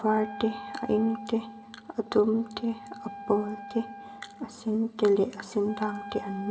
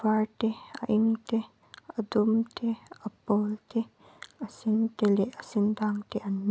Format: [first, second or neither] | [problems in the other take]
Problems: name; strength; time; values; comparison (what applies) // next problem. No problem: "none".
second | background sound (Wind instrument, woodwind instrument); 15 dB below the speech // room echo; dies away in 2.6 s